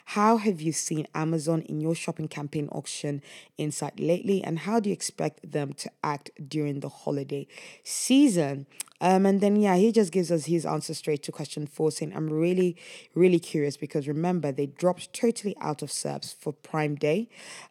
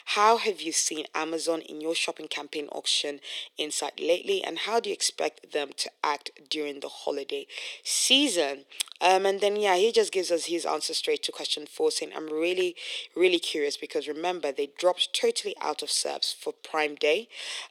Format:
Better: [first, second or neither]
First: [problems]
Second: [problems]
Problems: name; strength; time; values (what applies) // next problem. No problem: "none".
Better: first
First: none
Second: thin; very; fading below 400 Hz